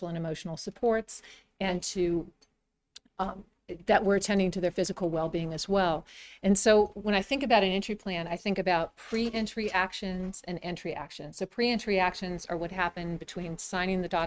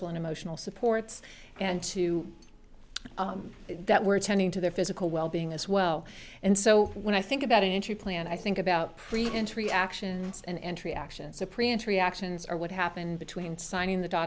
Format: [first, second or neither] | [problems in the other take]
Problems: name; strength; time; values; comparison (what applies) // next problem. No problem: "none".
second | noise reduction (neural mask model RNNoise)